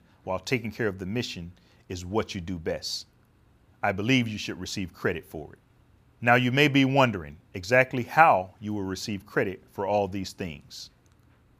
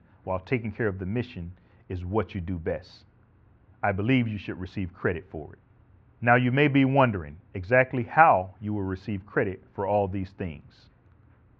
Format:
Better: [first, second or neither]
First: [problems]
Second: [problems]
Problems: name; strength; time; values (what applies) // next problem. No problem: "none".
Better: first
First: none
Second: muffled; very; fading above 2 kHz